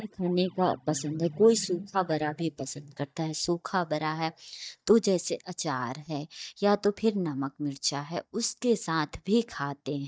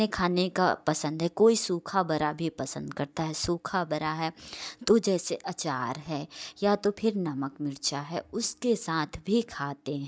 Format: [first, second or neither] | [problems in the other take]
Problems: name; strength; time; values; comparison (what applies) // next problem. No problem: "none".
second | noise reduction (neural mask model DeepFilterNet 3)